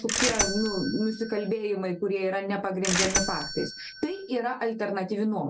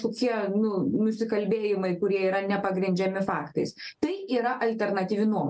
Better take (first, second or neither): second